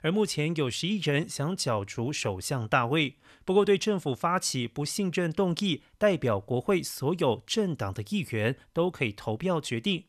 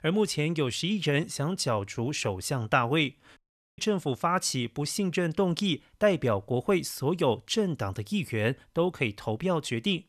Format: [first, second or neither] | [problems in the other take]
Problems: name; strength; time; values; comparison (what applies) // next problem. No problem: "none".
first | audio cutting out; at 3.5 s